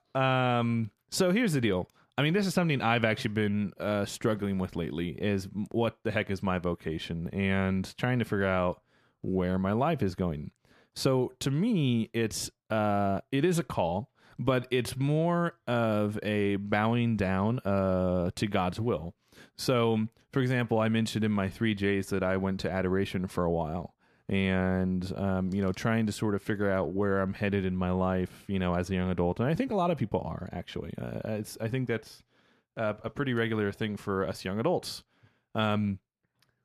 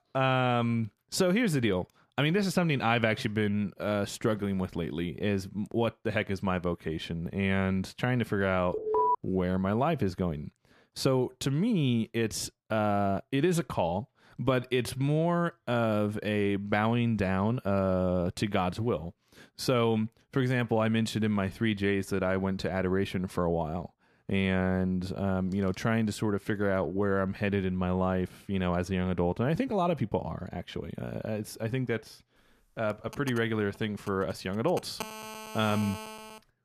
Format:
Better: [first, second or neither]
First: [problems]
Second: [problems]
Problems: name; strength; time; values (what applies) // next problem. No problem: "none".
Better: first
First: none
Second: alarm; loud; at 8.5 s; peak 3 dB above the speech // phone ringing; noticeable; from 33 s on; peak 10 dB below the speech